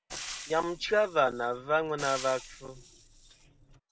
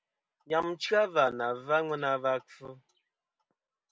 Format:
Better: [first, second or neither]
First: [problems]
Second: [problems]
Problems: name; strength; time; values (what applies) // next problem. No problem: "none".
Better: second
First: background sound (Frying (food)); 14 dB below the speech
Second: none